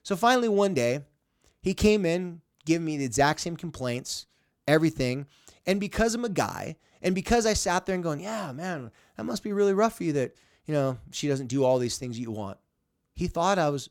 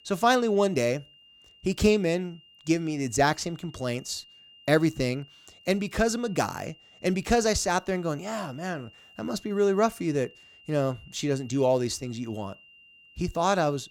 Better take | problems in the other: first | high-pitched whine; faint; throughout; 3 kHz, 25 dB below the speech

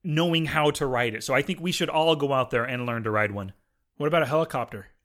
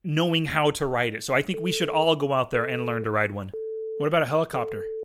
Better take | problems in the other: first | phone ringing; noticeable; from 1.5 s on; peak 8 dB below the speech

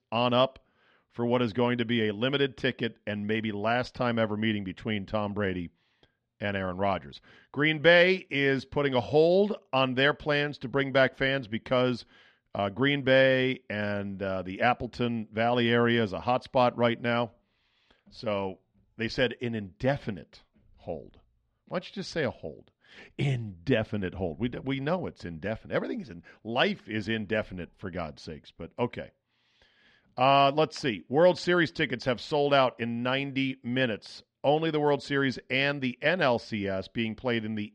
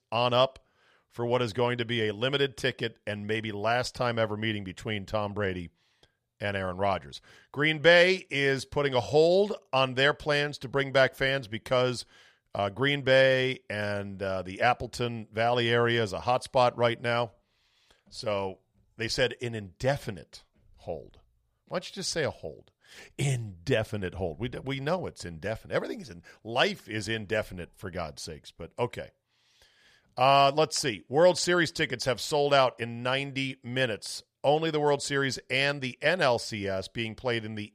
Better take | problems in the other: second | muffled; very slightly; fading above 3 kHz

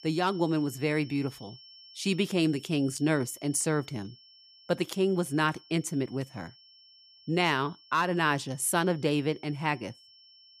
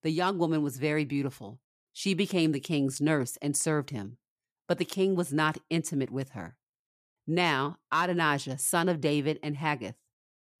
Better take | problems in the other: second | high-pitched whine; faint; throughout; 5.5 kHz, 25 dB below the speech

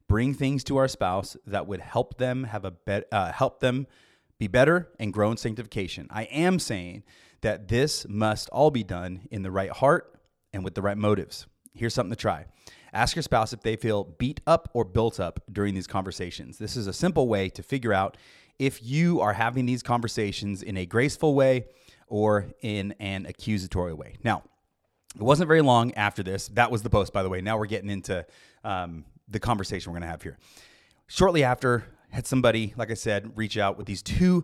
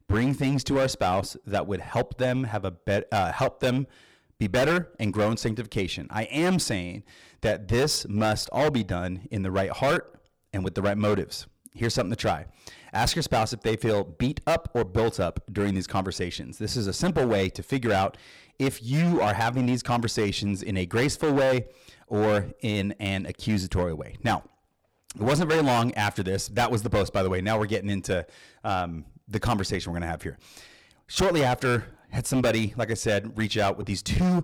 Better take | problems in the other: first | distortion; heavy; 11% of the sound clipped

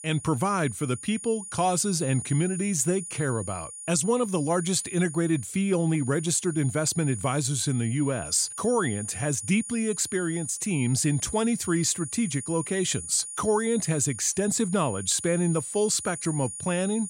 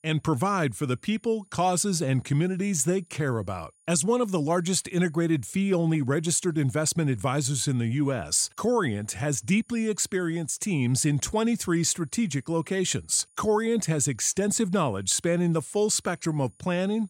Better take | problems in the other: second | high-pitched whine; loud; throughout; 9.5 kHz, 10 dB below the speech; faint in the second

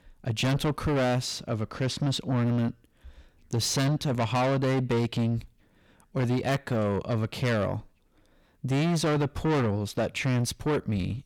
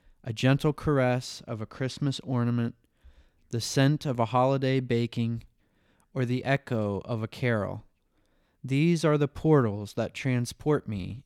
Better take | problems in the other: second | distortion; heavy; 6 dB below the speech

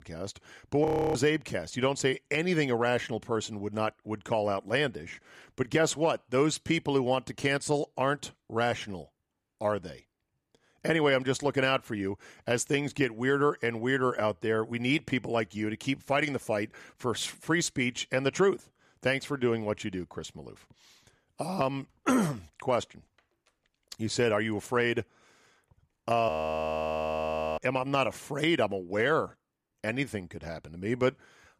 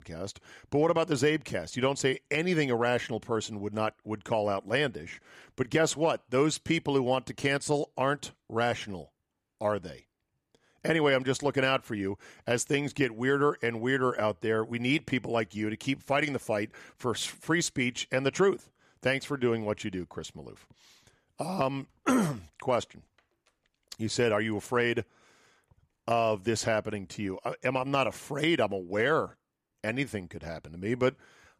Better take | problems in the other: second | audio freezing; at 1 s and at 26 s for 1.5 s

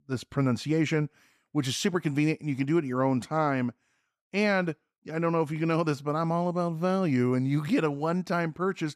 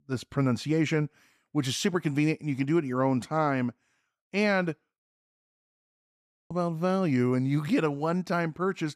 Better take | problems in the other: first | audio cutting out; at 5 s for 1.5 s

